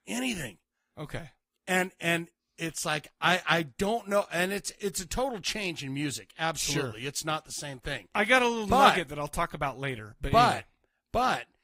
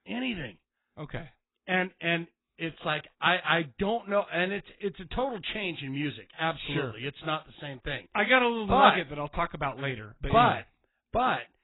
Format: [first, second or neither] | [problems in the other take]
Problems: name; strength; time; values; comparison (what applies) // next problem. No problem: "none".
first | garbled, watery; badly; nothing above 4 kHz; slightly in the first